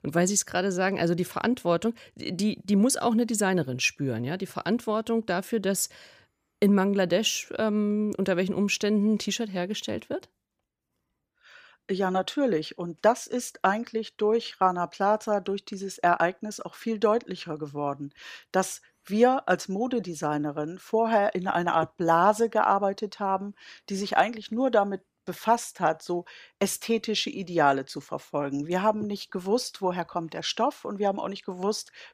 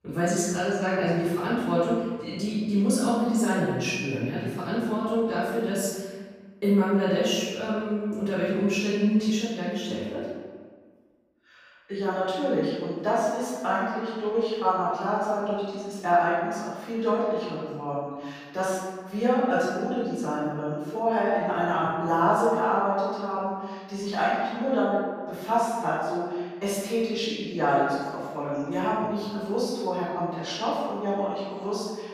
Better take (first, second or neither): first